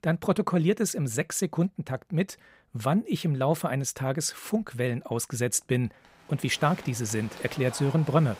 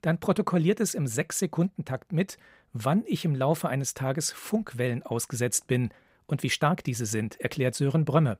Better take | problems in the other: second | crowd noise; noticeable; from 6.5 s on; 15 dB below the speech

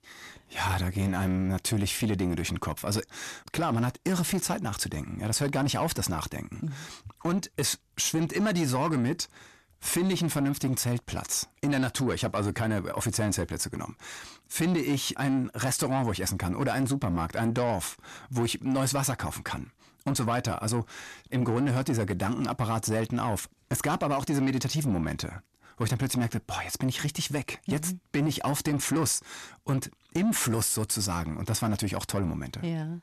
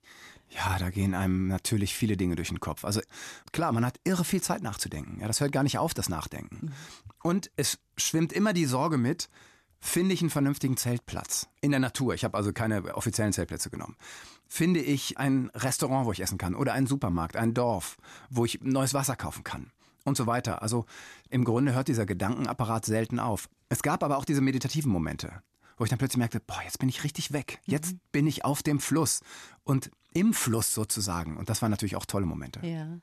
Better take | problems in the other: second | distortion; slight; 10 dB below the speech

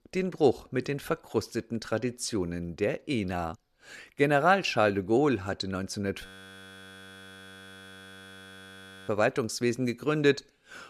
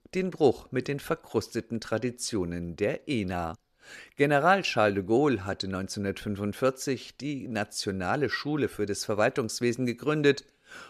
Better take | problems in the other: second | audio freezing; at 6.5 s for 3 s

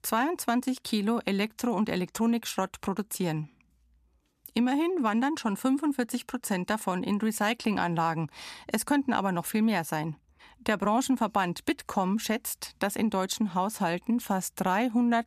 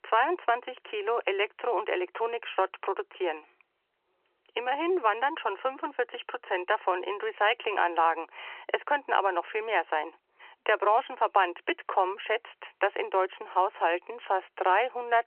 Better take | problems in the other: first | phone-call audio; nothing above 3 kHz

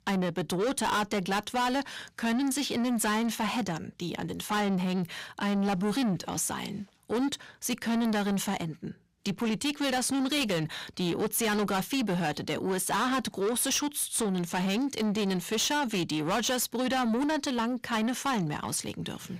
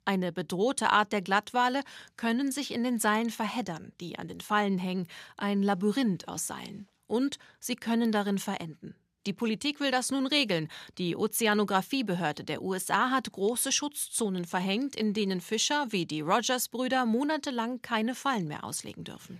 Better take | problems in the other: second | distortion; heavy; 7 dB below the speech

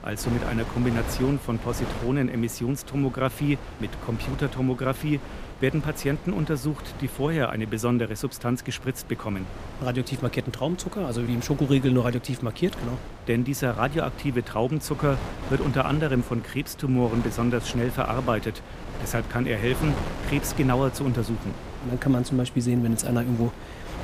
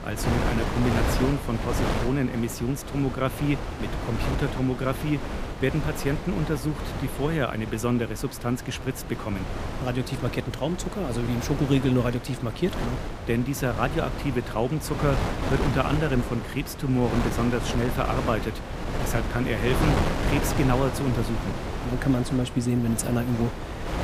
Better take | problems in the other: first | wind noise on the microphone; heavy; 3 dB below the speech; occasional gusts in the first

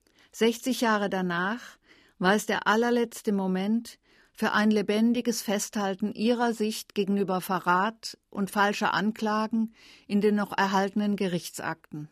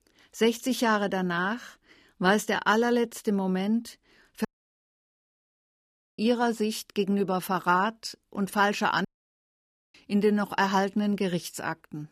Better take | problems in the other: first | audio cutting out; at 4.5 s for 1.5 s and at 9 s for 1 s

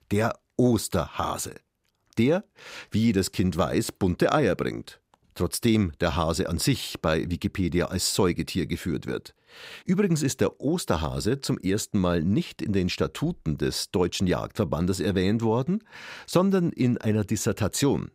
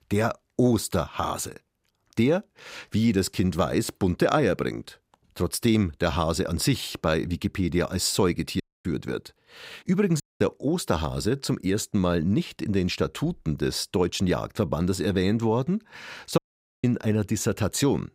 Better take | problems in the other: first | audio cutting out; at 8.5 s, at 10 s and at 16 s

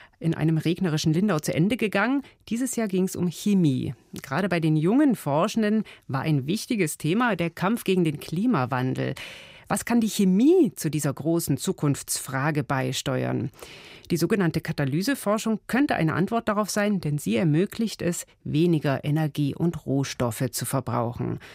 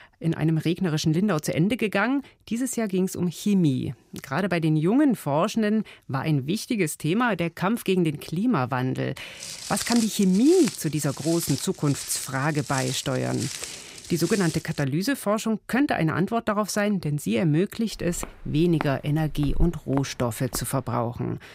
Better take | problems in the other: first | footsteps; noticeable; from 9.5 to 15 s and from 18 to 21 s; peak 4 dB below the speech

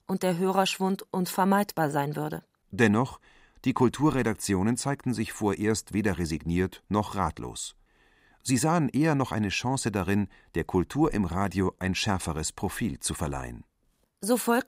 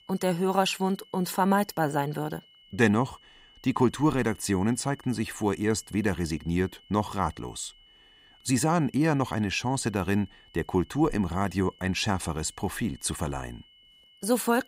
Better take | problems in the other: first | high-pitched whine; faint; throughout; 3 kHz, 25 dB below the speech

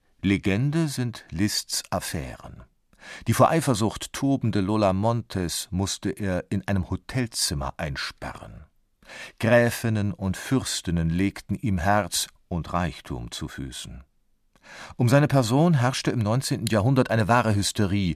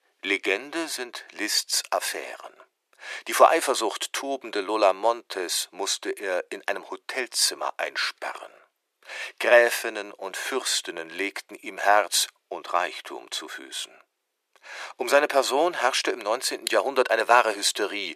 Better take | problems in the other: first | thin; very; fading below 400 Hz

